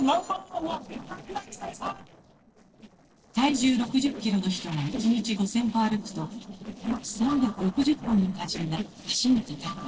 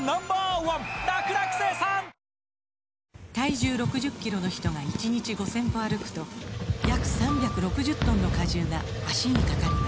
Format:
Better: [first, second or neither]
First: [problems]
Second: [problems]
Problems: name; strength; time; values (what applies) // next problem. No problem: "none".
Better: second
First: noise reduction (neural separator model SepFormer DNS4)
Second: none